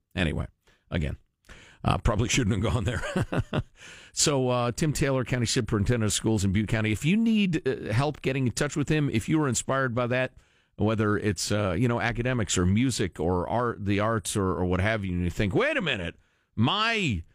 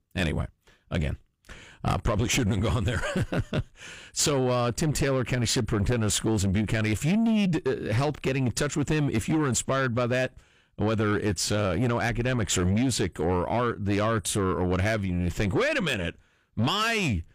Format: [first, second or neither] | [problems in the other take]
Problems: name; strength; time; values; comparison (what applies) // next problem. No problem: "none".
first | distortion; slight; 10 dB below the speech